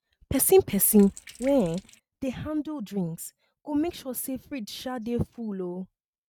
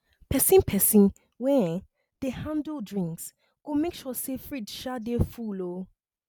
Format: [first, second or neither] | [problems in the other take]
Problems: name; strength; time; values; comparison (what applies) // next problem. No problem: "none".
second | noise reduction (neural mask model RNNoise)